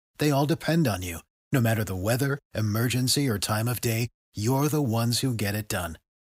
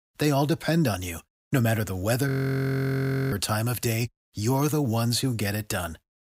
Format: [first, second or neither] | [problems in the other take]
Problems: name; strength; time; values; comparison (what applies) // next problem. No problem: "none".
first | audio freezing; at 2.5 s for 1 s